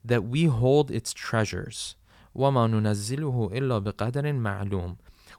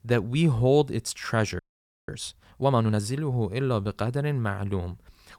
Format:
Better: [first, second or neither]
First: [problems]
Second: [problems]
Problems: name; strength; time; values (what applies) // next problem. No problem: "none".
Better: first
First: none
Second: audio freezing; at 1.5 s